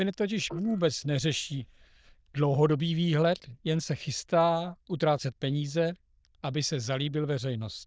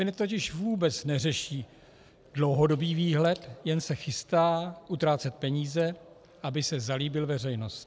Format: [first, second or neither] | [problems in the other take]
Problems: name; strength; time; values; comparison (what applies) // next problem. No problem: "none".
second | noise reduction (neural diffusion model UNIVERSE++)